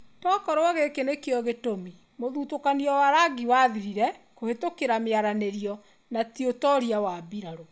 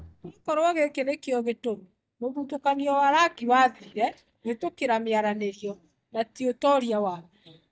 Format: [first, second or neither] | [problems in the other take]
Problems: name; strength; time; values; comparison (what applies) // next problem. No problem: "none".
first | noise reduction (neural mask model DeepFilterNet 3)